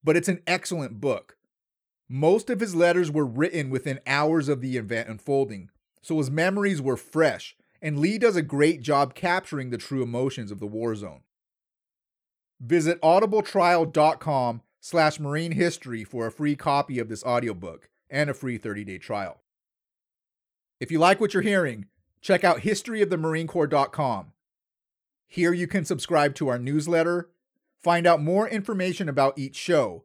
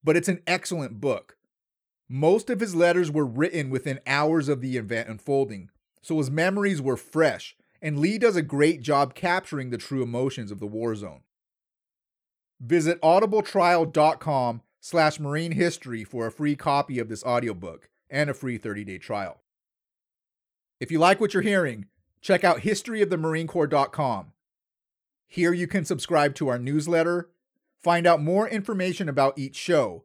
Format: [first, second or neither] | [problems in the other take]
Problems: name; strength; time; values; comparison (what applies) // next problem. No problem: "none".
neither | none